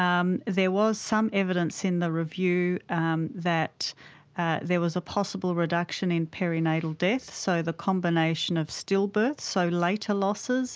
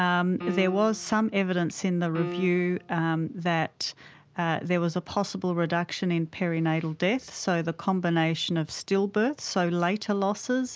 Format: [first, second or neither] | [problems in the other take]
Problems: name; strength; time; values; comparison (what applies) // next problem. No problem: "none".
first | background sound (Piano); 11 dB below the speech